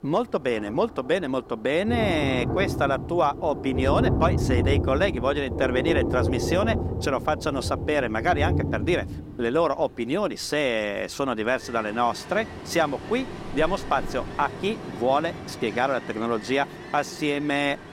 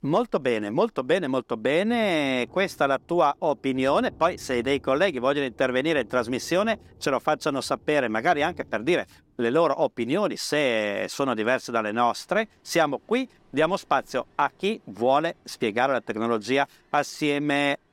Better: second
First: rain or running water; loud; throughout; 5 dB below the speech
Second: rain or running water; faint; throughout; 30 dB below the speech

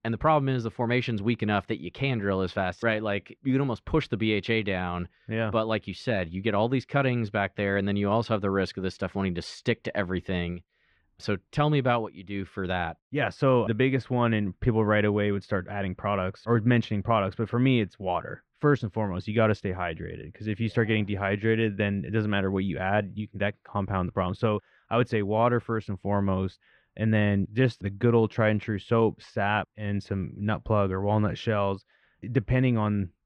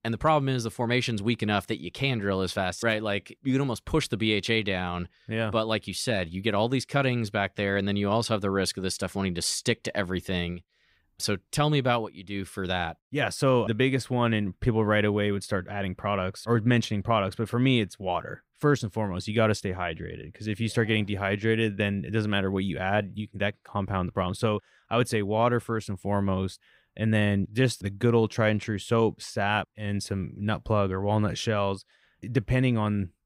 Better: second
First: muffled; slightly; fading above 2.5 kHz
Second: none

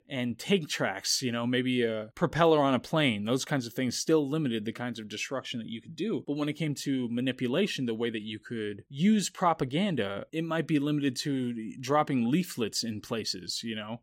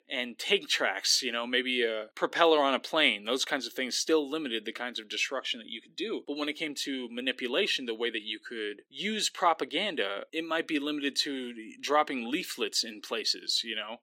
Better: first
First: none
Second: thin; somewhat; fading below 300 Hz

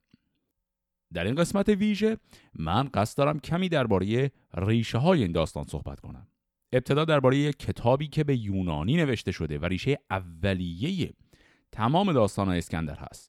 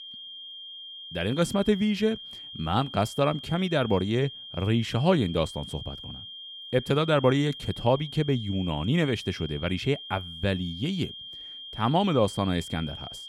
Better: first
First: none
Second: high-pitched whine; noticeable; throughout; 3 kHz, 10 dB below the speech

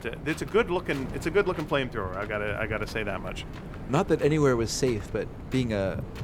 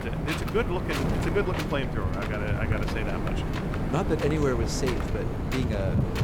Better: first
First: wind noise on the microphone; occasional gusts; 15 dB below the speech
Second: wind noise on the microphone; heavy; 2 dB below the speech

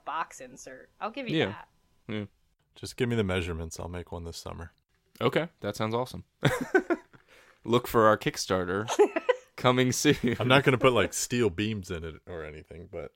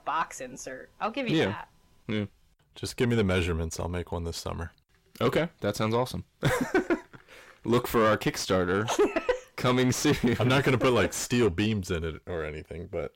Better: first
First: none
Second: distortion; heavy; 7 dB below the speech

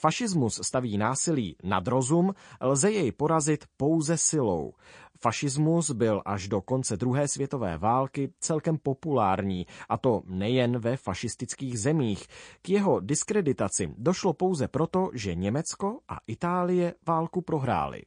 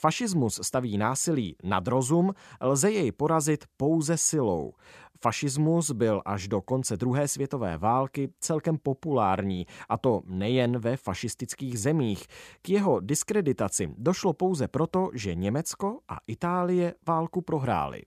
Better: second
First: garbled, watery; slightly; nothing above 9.5 kHz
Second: none

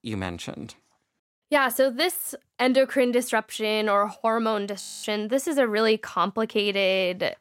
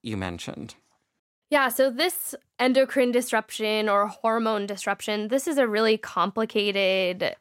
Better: second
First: audio freezing; at 5 s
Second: none

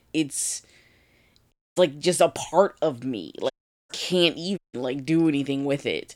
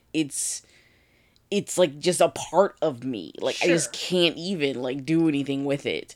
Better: second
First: audio cutting out; at 1.5 s, at 3.5 s and at 4.5 s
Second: none

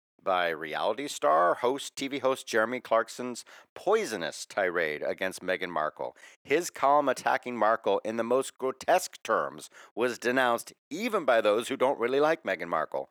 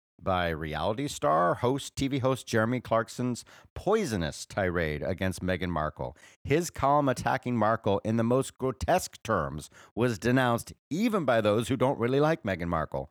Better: second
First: thin; somewhat; fading below 400 Hz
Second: none

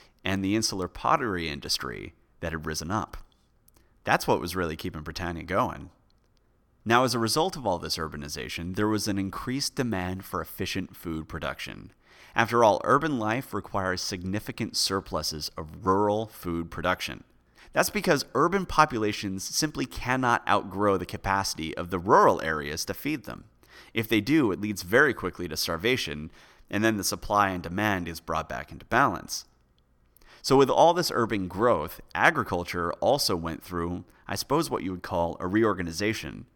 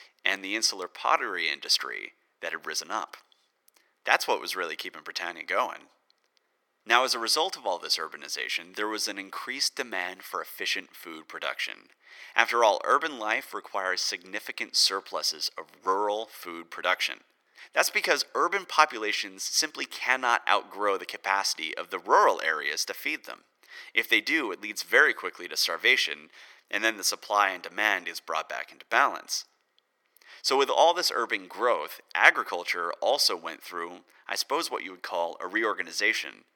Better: first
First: none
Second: thin; very; fading below 450 Hz

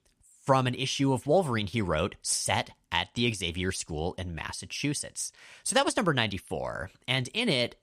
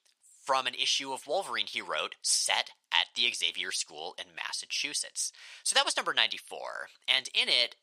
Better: first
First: none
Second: thin; very; fading below 750 Hz

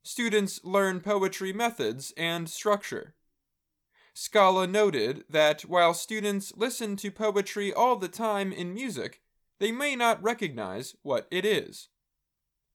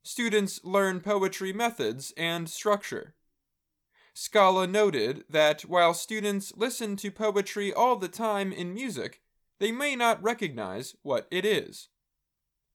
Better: neither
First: none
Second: none

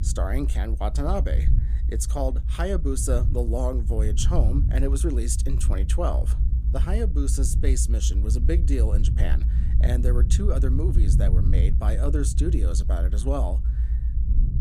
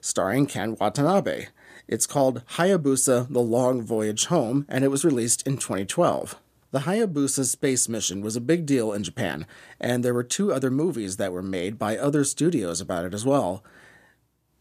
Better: second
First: low rumble; loud; throughout; 9 dB below the speech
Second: none

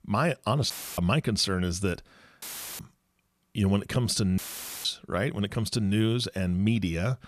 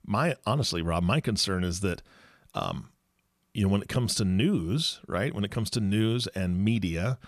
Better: second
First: audio cutting out; filled with static; at 0.5 s, at 2.5 s and at 4.5 s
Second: none

